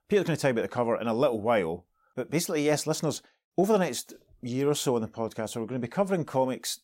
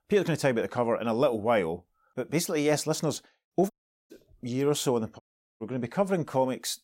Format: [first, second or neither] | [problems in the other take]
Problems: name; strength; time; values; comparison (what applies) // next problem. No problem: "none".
first | audio cutting out; at 3.5 s and at 5 s